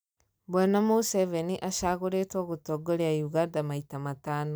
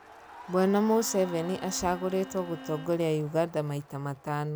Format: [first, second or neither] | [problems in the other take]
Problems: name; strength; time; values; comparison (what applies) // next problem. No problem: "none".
first | background sound (Bowed string instrument + Crowd); 16 dB below the speech